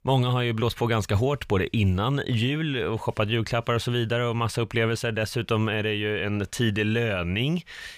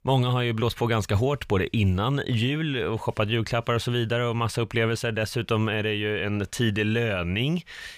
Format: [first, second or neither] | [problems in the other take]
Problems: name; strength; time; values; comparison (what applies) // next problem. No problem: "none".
neither | none